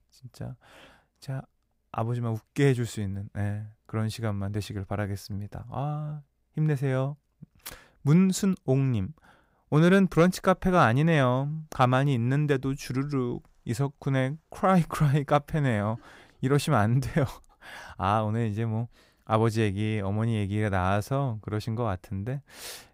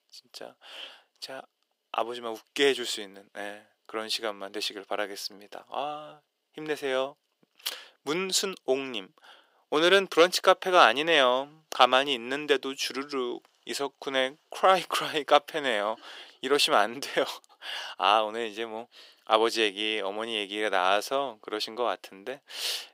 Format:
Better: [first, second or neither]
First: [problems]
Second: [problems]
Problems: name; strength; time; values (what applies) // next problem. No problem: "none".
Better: first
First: none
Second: thin; very; fading below 350 Hz